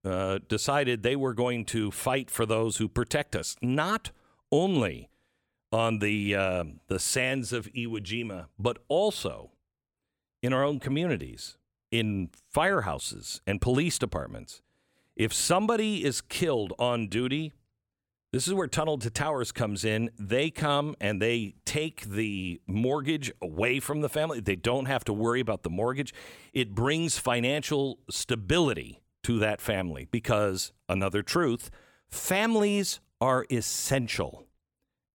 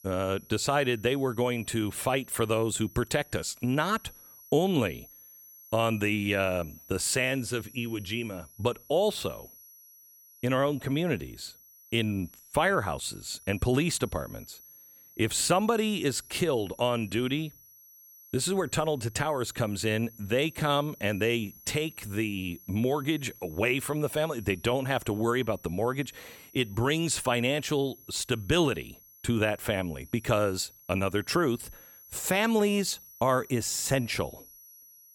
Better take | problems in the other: first | high-pitched whine; faint; throughout; 11.5 kHz, 20 dB below the speech

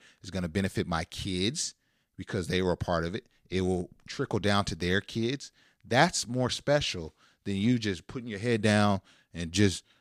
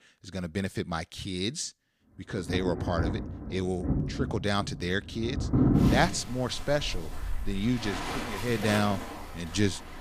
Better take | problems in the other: first | rain or running water; loud; from 3 s on; 1 dB below the speech

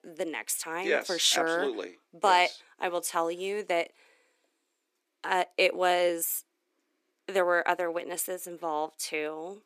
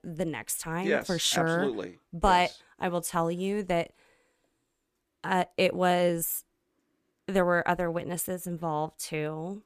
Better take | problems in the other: second | thin; very; fading below 300 Hz

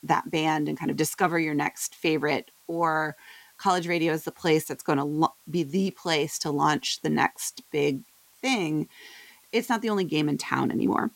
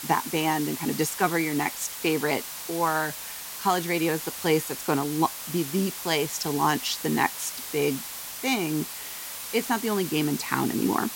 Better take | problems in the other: first | hiss; loud; throughout; 7 dB below the speech; faint in the first

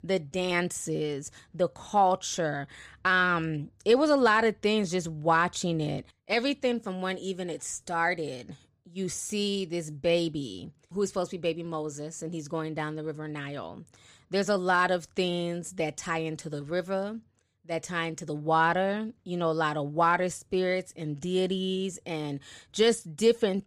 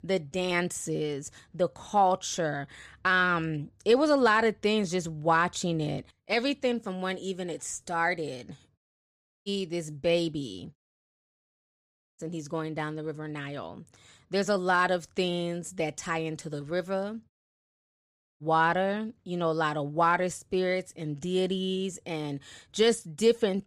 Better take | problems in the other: first | audio cutting out; at 9 s for 0.5 s, at 11 s for 1.5 s and at 17 s for 1 s

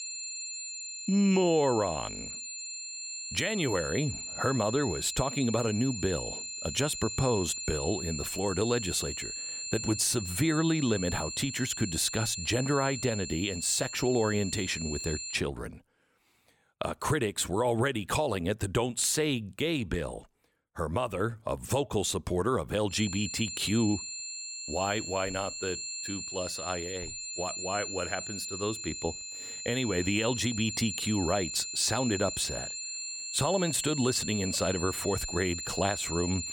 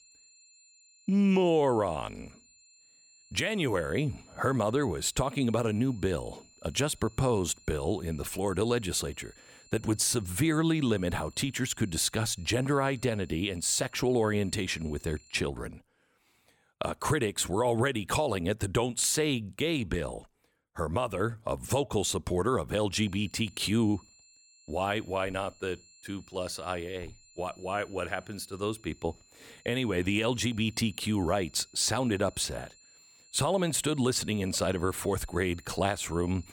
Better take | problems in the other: second | high-pitched whine; loud; until 15 s and from 23 s on; 7 kHz, 6 dB below the speech; faint in the second

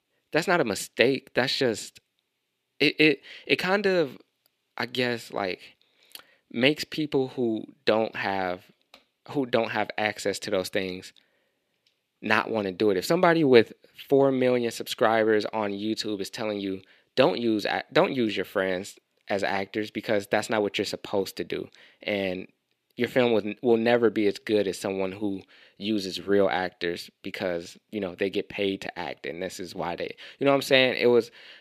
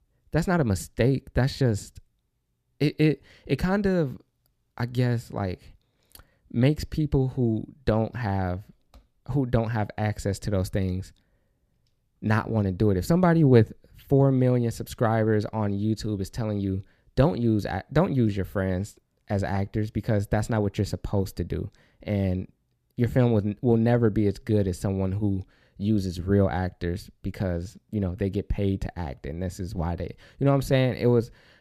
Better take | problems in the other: second | thin; somewhat; fading below 350 Hz

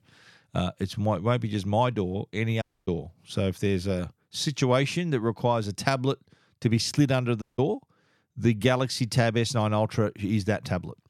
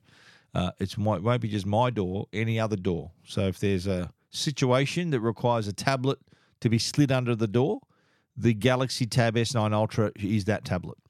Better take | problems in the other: second | audio cutting out; at 2.5 s and at 7.5 s

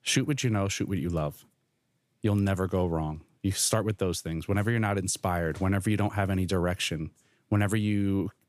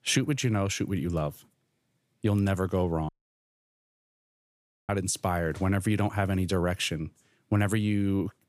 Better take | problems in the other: first | audio cutting out; at 3 s for 2 s

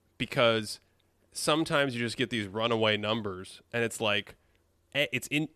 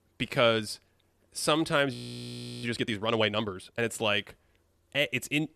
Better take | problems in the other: first | audio freezing; at 2 s for 0.5 s

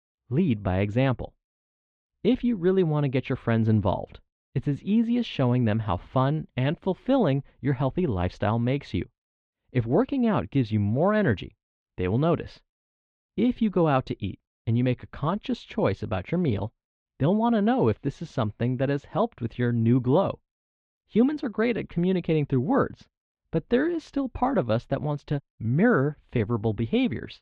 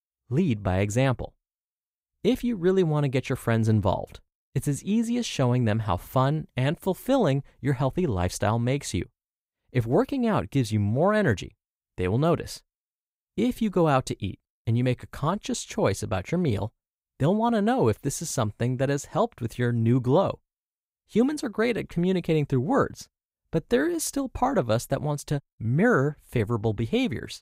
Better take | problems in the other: second | muffled; slightly; fading above 3.5 kHz

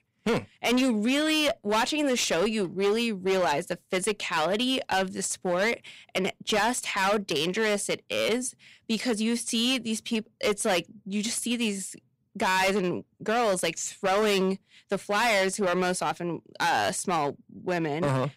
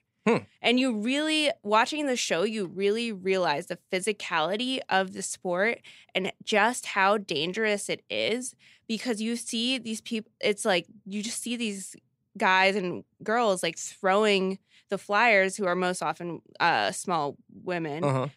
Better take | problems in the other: second | distortion; heavy; 13% of the sound clipped

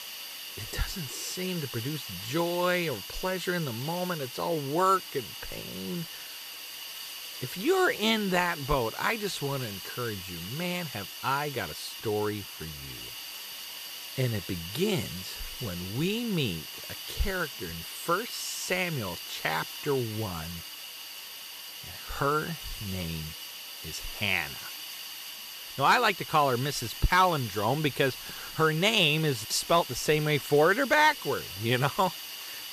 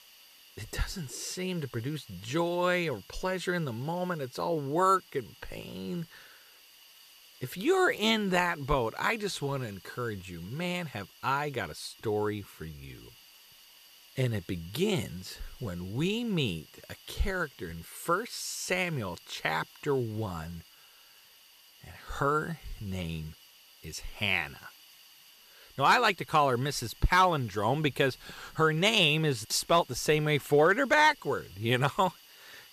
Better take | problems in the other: second | hiss; loud; throughout; 9 dB below the speech; faint in the second

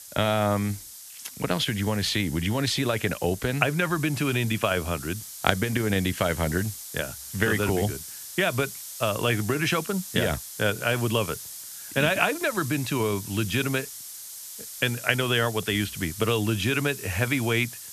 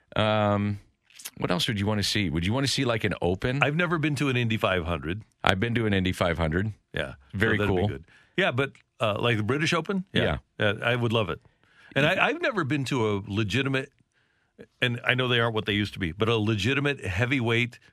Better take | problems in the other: second | hiss; noticeable; throughout; 10 dB below the speech

